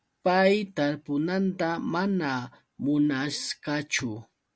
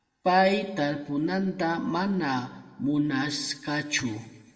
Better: first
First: none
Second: room echo; dies away in 1.2 s

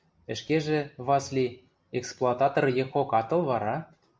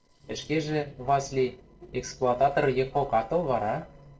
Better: first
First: none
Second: noise reduction (neural separator model SepFormer DNS4)

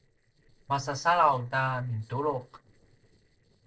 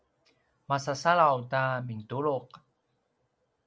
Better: second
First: noise reduction (neural separator model SepFormer DNS4)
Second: none

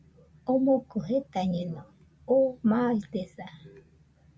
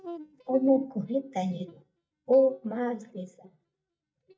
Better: first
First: none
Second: noise reduction (neural mask model DeepFilterNet 3)

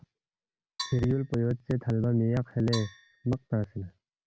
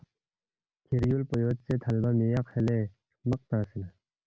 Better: second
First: background sound (Percussion); 15 dB below the speech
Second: none

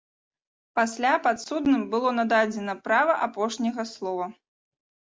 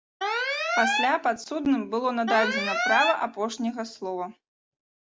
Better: first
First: none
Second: background sound (Alarm); 2 dB below the speech

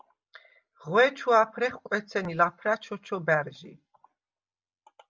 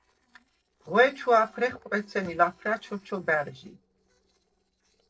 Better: first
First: none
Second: noise reduction (neural separator model SepFormer DNS4)

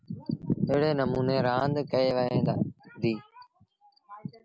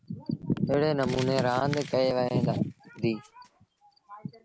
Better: first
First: none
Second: background sound (Crumpling, crinkling); 19 dB below the speech

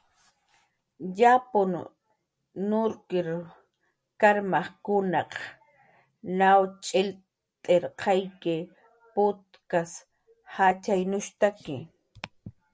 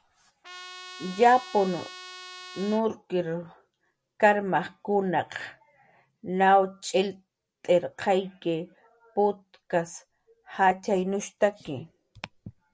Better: first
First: none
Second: background sound (Trumpet); 16 dB below the speech

